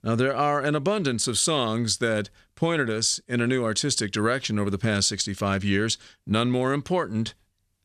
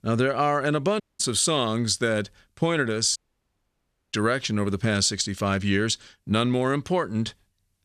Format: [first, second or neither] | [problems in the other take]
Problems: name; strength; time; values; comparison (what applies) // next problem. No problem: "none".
first | audio cutting out; at 1 s and at 3 s for 1 s